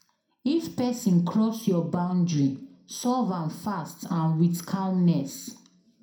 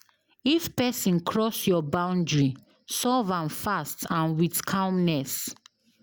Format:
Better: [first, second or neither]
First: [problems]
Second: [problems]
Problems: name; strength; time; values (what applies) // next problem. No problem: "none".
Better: second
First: room echo; dies away in 0.4 s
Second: none